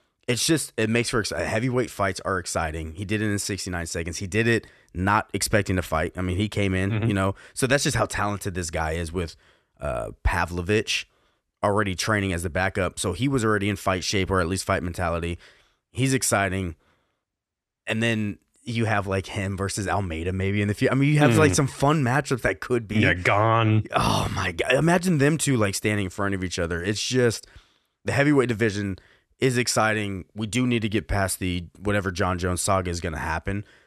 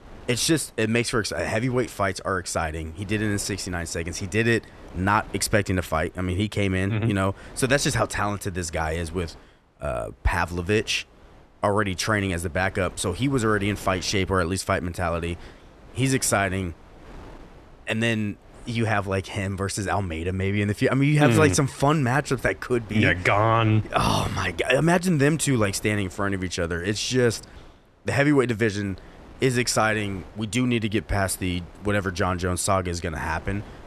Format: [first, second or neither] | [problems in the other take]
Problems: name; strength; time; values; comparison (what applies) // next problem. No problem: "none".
first | wind noise on the microphone; occasional gusts; 25 dB below the speech